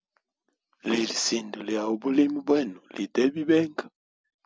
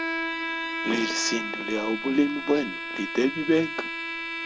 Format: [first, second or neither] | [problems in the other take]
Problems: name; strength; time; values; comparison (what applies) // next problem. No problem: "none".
first | background sound (Bowed string instrument); 4 dB below the speech